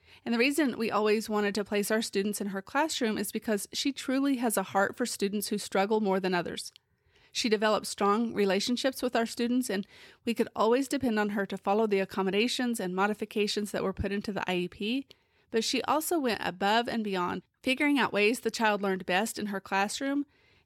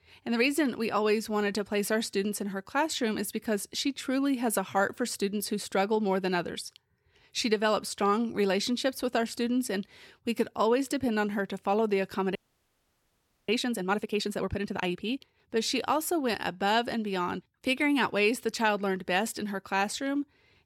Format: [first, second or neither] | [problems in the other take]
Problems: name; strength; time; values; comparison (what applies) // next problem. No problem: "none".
first | audio freezing; at 12 s for 1 s